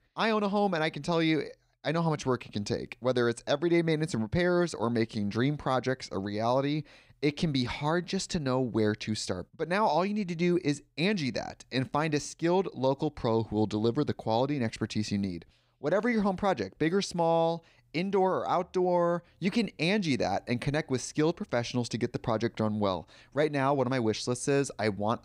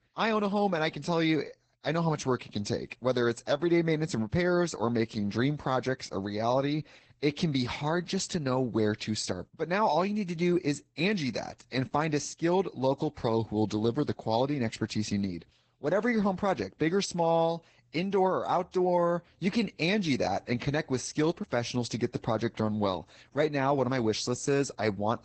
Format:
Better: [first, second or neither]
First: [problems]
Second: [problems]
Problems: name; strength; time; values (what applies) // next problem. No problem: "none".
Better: first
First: none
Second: garbled, watery; badly; nothing above 8 kHz